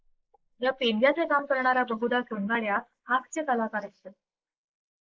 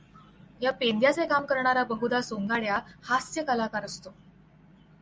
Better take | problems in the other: second | noise reduction (neural mask model Resemble Enhance denoiser)

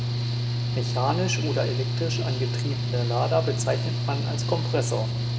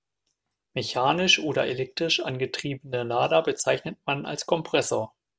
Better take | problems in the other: second | background sound (Mechanical fan / Engine); 3 dB above the speech // room echo; dies away in 1.2 s

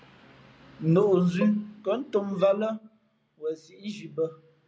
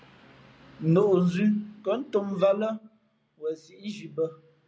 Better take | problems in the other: second | background sound (Bowed string instrument); 12 dB below the speech

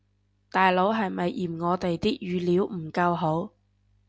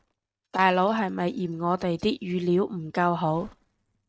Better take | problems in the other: first | noise reduction (neural mask model RNNoise)

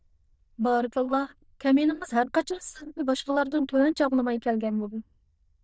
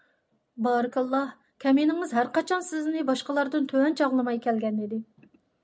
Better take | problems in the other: second | noise reduction (neural diffusion model UNIVERSE++)

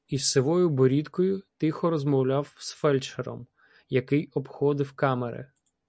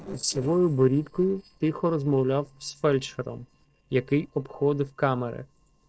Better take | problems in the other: first | noise reduction (neural separator model SepFormer DNS4)

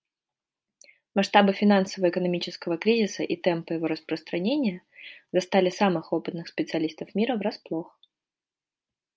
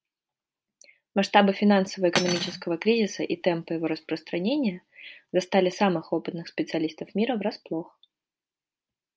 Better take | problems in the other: first | background sound (Cutlery, silverware); 8 dB below the speech

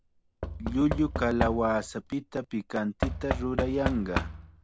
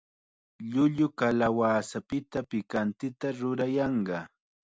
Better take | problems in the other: second | background sound (Knock / Wood); 4 dB below the speech

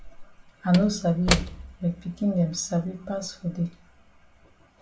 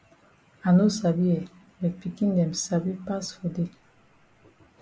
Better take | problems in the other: second | background sound (Slam / Wood); 8 dB below the speech // room echo; dies away in 0.3 s

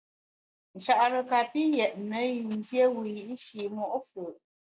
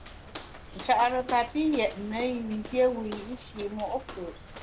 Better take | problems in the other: first | background sound (Walk, footsteps); 14 dB below the speech

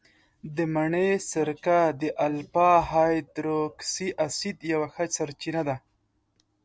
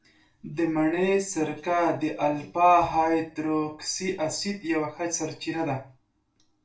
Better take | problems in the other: first | room echo; dies away in 0.3 s

